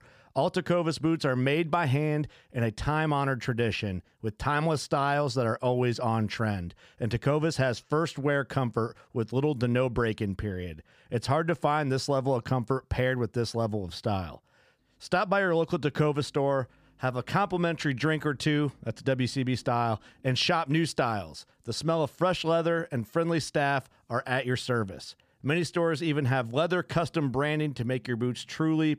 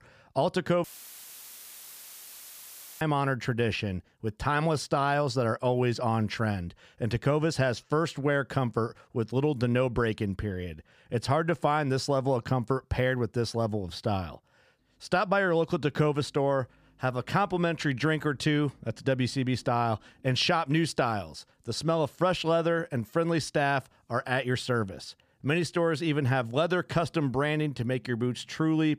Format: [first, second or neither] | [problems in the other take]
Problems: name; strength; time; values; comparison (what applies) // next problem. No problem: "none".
first | audio cutting out; filled with static; at 1 s for 2 s